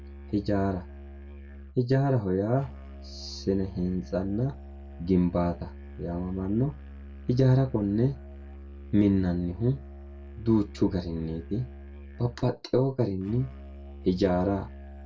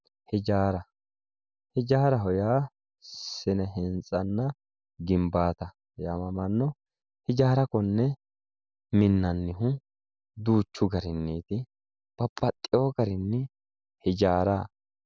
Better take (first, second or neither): second